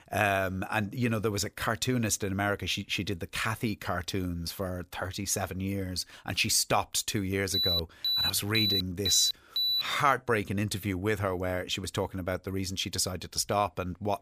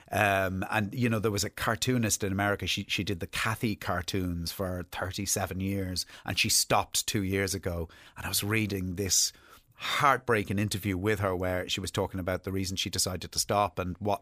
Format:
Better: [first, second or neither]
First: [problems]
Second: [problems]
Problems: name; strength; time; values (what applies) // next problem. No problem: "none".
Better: second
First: alarm; loud; from 7.5 to 10 s; peak 4 dB above the speech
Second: none